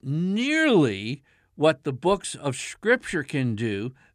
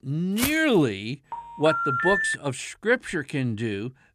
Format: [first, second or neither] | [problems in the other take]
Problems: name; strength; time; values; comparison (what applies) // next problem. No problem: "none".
first | footsteps; noticeable; at 0.5 s; peak 4 dB below the speech // phone ringing; loud; from 1.5 to 2.5 s; peak 2 dB above the speech